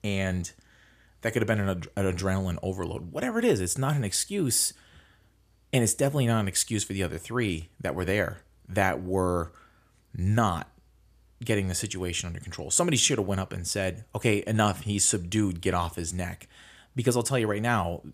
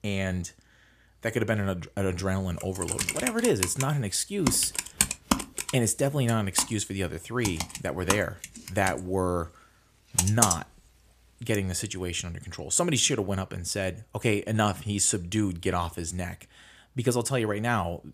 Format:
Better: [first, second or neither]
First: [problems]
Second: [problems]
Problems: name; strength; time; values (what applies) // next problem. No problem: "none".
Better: first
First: none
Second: keyboard typing; loud; from 3 to 11 s; peak 6 dB above the speech